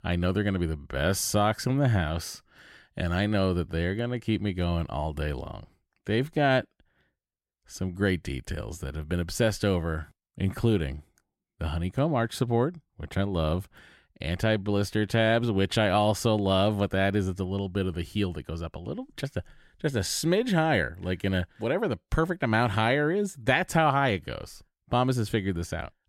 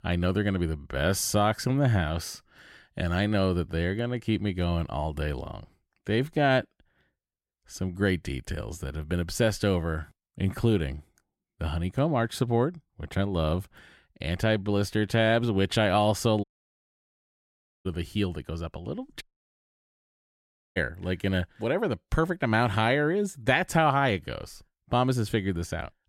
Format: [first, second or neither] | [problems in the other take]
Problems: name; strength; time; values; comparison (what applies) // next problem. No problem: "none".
first | audio cutting out; at 16 s for 1.5 s and at 19 s for 1.5 s